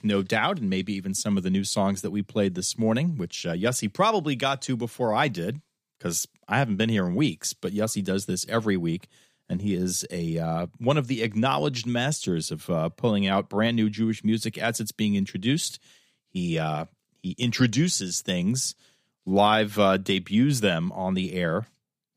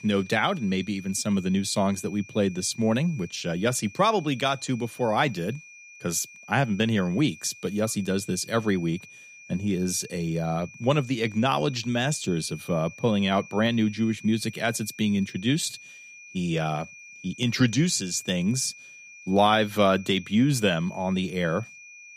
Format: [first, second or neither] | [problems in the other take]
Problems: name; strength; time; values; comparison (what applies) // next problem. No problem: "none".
first | high-pitched whine; noticeable; throughout; 2.5 kHz, 20 dB below the speech